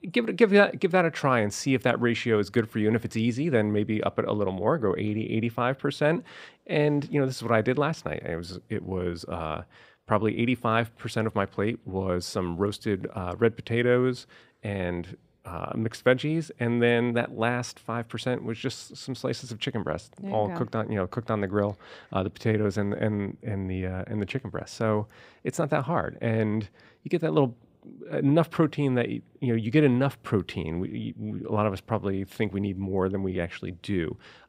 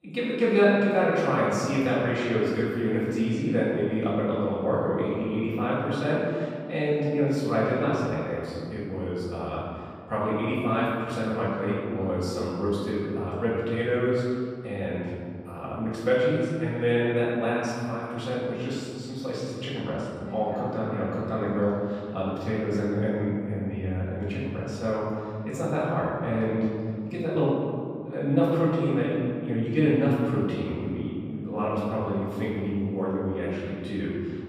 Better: first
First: none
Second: off-mic speech; far // room echo; strong; dies away in 2.1 s

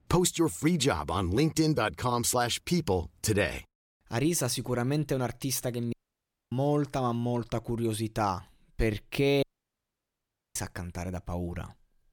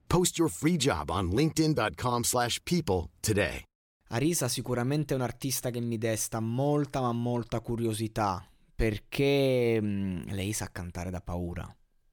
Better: second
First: audio cutting out; at 6 s for 0.5 s and at 9.5 s for 1 s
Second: none

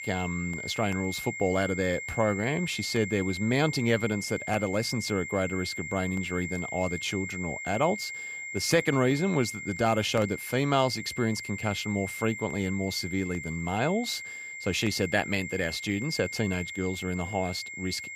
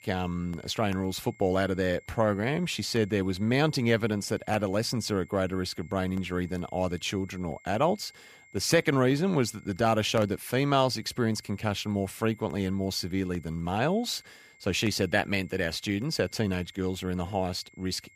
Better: second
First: high-pitched whine; loud; throughout; 2 kHz, 7 dB below the speech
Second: high-pitched whine; faint; throughout; 2 kHz, 25 dB below the speech

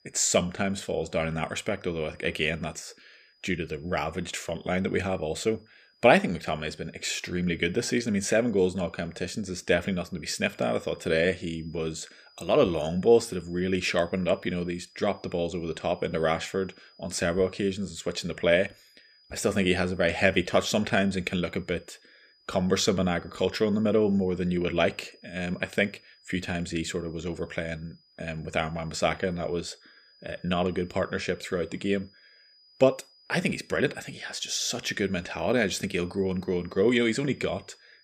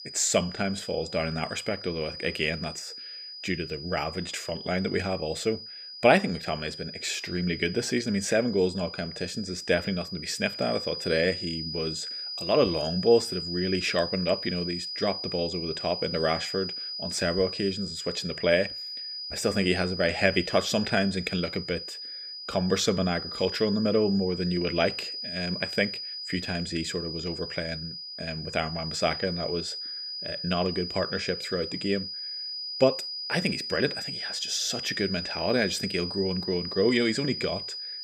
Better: first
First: high-pitched whine; faint; throughout; 5 kHz, 30 dB below the speech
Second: high-pitched whine; loud; throughout; 5 kHz, 6 dB below the speech

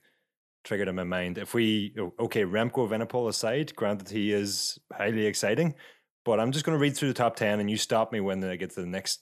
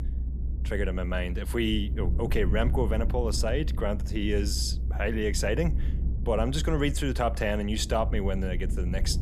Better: first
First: none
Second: low rumble; noticeable; throughout; 15 dB below the speech

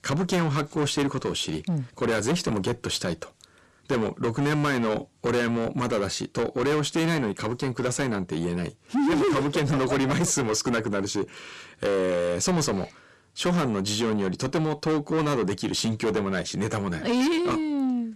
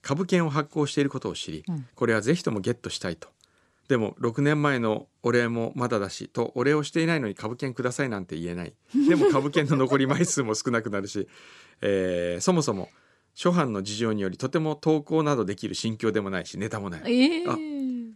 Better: second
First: distortion; heavy; 6 dB below the speech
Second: none

